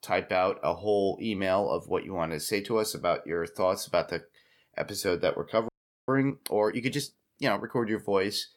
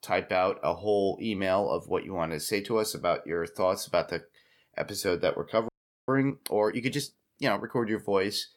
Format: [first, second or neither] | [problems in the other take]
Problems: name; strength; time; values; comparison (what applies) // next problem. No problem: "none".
neither | audio freezing; at 5.5 s; the same in both